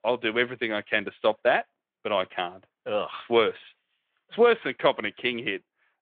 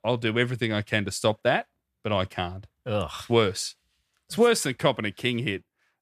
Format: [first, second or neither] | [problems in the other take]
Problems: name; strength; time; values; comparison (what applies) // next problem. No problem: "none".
second | phone-call audio; nothing above 3.5 kHz